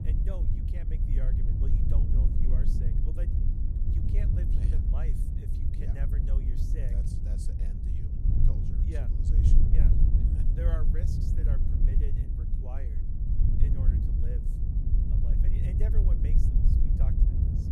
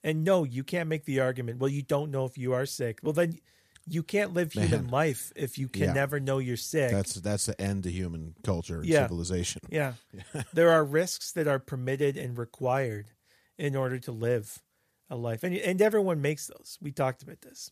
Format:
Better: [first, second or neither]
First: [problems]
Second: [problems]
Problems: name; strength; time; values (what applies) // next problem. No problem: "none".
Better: second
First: wind noise on the microphone; heavy; 4 dB above the speech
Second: none